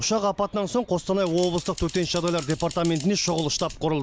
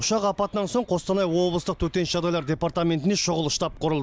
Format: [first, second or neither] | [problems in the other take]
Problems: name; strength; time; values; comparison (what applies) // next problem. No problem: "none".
second | background sound (Typing); 18 dB below the speech